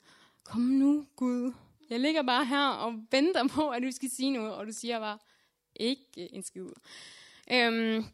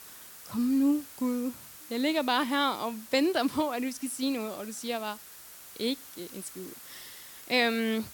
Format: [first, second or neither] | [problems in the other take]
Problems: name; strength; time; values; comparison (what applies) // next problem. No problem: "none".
first | hiss; noticeable; throughout; 15 dB below the speech